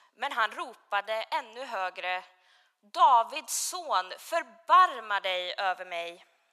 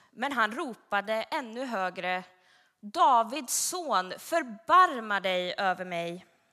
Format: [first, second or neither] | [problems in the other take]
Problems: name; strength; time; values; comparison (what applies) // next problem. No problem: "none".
second | thin; very; fading below 600 Hz